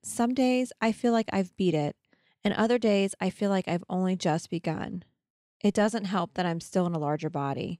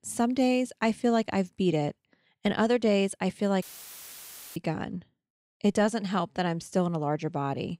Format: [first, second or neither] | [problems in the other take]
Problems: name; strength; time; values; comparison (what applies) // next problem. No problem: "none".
first | audio cutting out; filled with static; at 3.5 s for 1 s